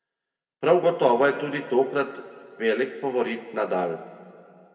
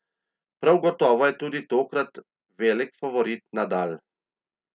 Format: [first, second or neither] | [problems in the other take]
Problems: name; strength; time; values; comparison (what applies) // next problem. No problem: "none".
second | room echo; dies away in 1.8 s